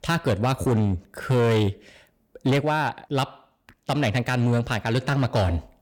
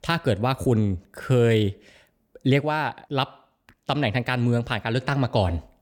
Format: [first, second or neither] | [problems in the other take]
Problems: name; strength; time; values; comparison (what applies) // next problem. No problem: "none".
second | distortion; slight; 11% of the sound clipped